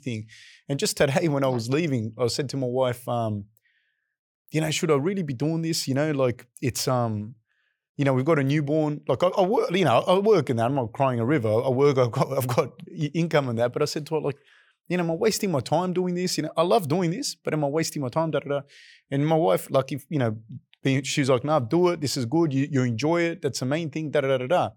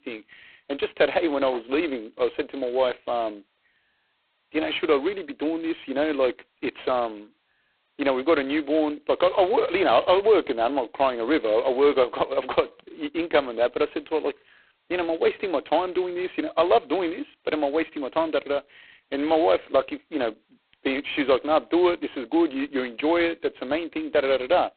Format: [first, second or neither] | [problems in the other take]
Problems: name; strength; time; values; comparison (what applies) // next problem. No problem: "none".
first | phone-call audio; poor line; nothing above 4 kHz